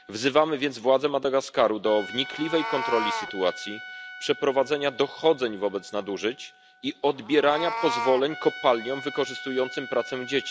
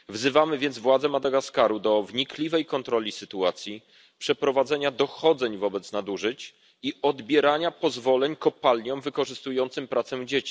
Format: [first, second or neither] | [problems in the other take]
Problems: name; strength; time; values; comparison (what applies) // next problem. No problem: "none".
second | background sound (Trumpet + Meow); 10 dB below the speech